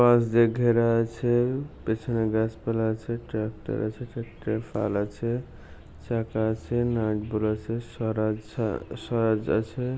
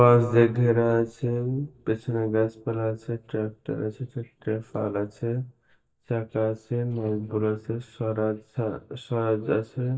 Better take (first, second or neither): first